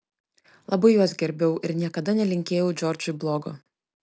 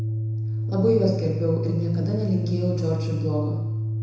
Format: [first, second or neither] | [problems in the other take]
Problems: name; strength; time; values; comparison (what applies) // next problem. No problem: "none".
first | background sound (Organ); as loud as the speech // room echo; dies away in 1 s